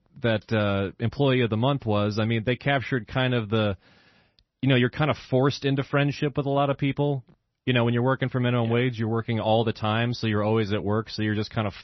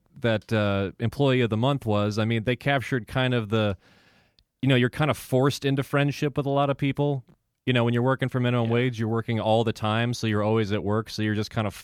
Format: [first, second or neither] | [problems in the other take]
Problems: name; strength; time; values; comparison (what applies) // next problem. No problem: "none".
second | garbled, watery; slightly; nothing above 6 kHz